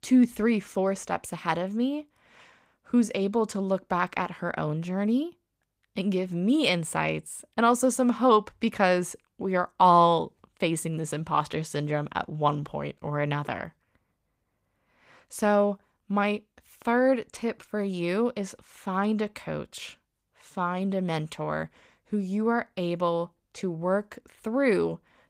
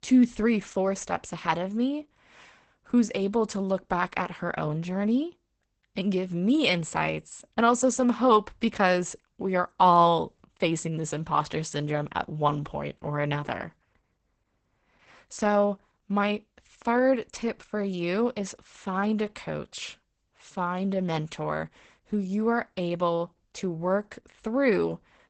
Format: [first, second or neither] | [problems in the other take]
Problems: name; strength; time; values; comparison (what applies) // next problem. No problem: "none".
first | garbled, watery; badly; nothing above 8 kHz; slightly in the first